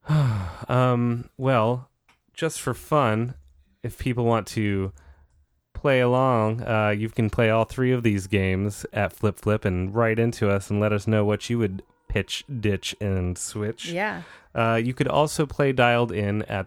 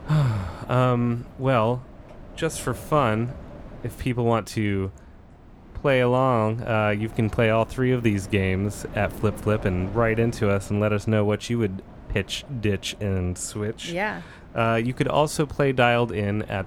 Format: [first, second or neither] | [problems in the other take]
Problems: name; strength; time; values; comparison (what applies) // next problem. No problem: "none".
first | wind noise on the microphone; occasional gusts; 20 dB below the speech